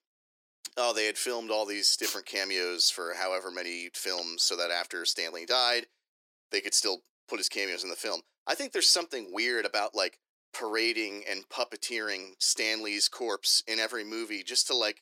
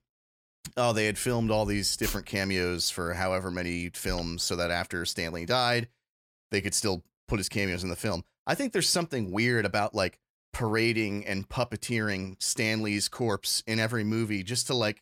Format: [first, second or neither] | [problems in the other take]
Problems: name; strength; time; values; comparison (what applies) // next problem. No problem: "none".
second | thin; very; fading below 300 Hz